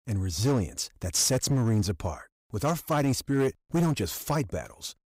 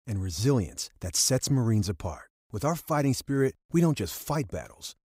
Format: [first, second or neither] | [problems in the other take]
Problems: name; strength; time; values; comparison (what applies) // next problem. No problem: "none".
second | distortion; slight; 7% of the sound clipped